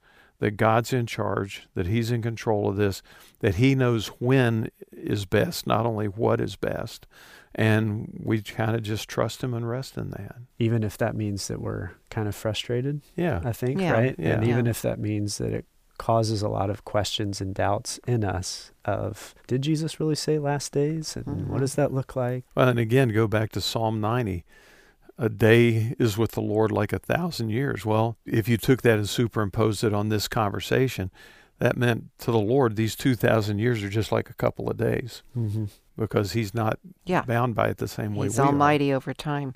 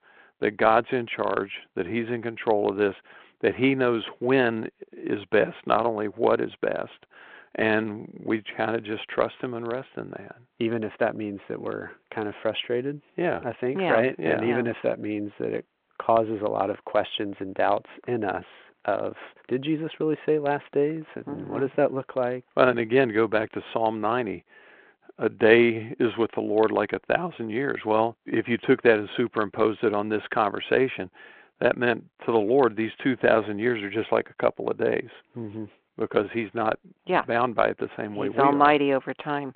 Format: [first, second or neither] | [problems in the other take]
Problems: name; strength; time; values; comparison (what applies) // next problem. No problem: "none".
first | phone-call audio